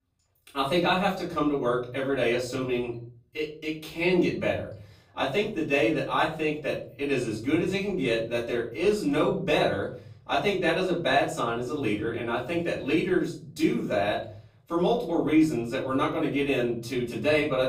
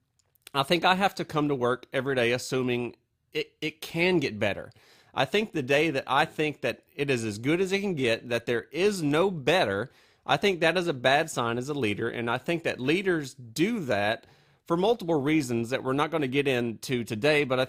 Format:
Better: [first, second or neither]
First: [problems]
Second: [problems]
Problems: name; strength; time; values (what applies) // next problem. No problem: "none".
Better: second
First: room echo; slight; dies away in 0.6 s // off-mic speech; far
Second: none